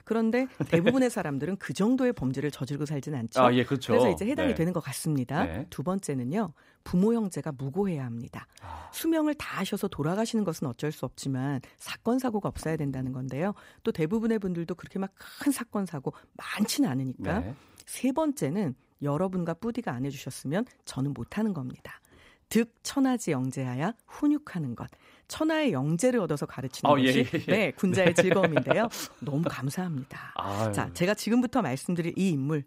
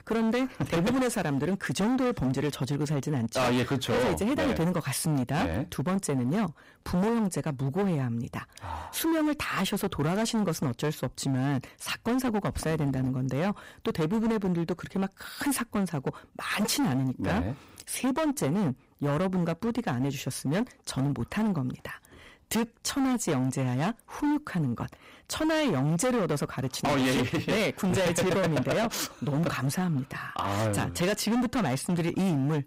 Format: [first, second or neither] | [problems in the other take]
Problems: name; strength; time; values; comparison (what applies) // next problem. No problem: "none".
first | distortion; heavy; 22% of the sound clipped